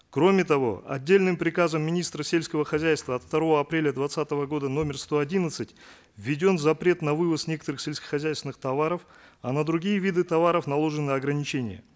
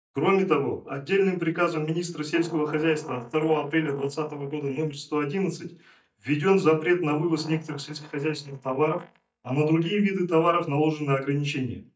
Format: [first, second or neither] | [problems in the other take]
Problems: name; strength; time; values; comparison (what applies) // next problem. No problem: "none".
first | noise reduction (neural mask model DeepFilterNet 3)